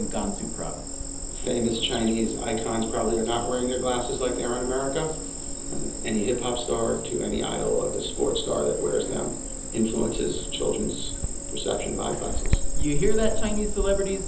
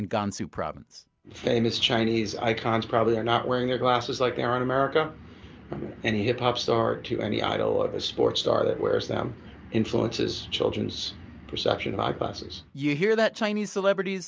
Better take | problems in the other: second | background sound (Cricket); 1 dB below the speech // room echo; dies away in 1.2 s

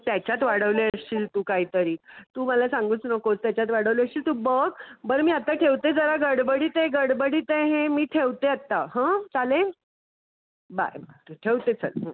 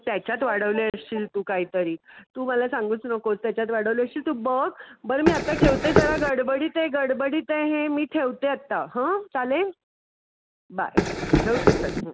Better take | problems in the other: first | background sound (Run); 4 dB above the speech

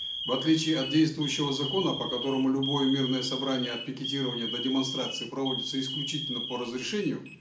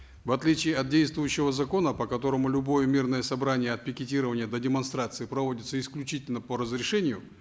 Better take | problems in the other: second | background sound (Alarm); 6 dB below the speech // room echo; dies away in 0.4 s

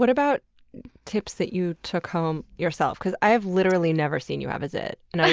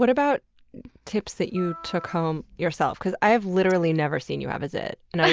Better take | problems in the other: first | background sound (Wind instrument, woodwind instrument); 19 dB below the speech

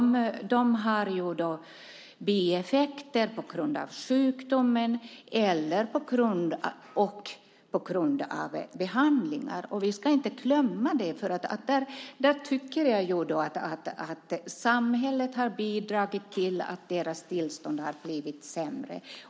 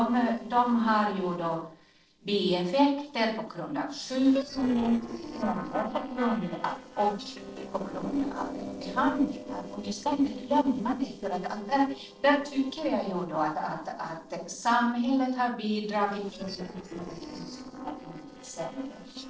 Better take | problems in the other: first | noise reduction (neural separator model SepFormer DNS4)

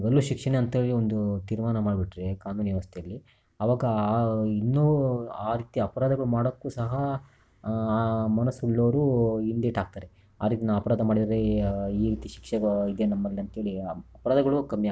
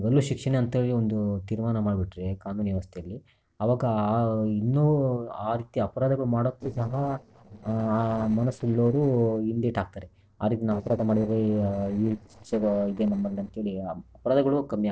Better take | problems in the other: first | noise reduction (neural separator model SepFormer DNS4)

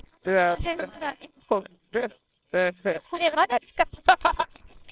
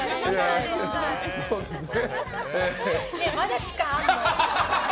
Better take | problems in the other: second | noise reduction (neural separator model SepFormer WHAMR!)

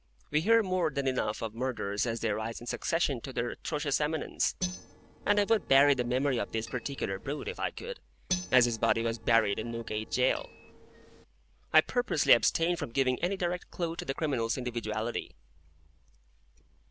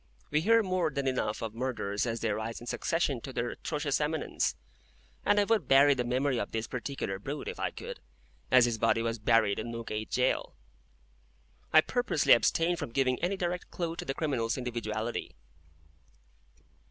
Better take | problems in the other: second | noise reduction (neural separator model SepFormer DNS4)

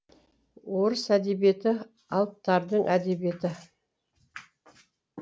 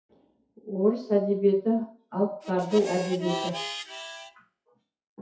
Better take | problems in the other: first | noise reduction (classical method WPE with log-MMSE)

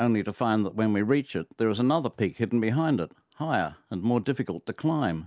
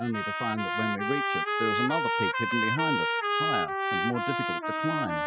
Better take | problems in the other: first | noise reduction (classical method spectral subtraction)

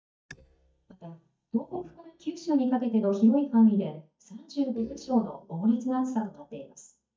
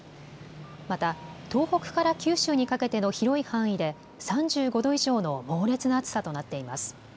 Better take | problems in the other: second | noise reduction (neural mask model DeepFilterNet 3)

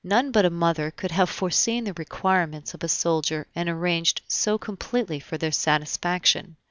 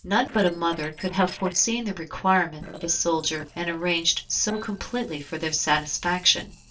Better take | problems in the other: first | noise reduction (neural separator model SepFormer DNS4)

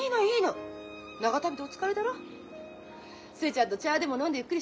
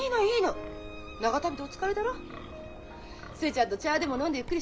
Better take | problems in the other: first | background sound (Wind); 14 dB below the speech

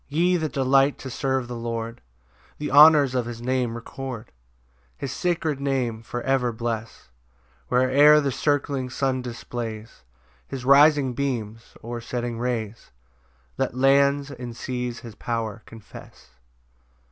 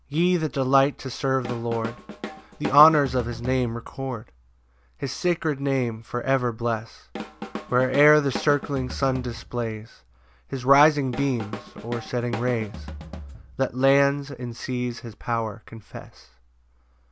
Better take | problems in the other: first | background sound (Drum kit); 12 dB below the speech

